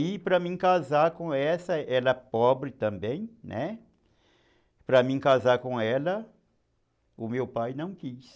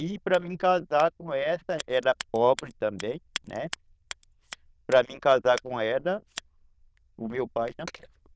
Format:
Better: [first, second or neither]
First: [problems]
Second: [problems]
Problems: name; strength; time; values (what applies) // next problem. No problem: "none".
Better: first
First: none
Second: noise reduction (neural diffusion model UNIVERSE++)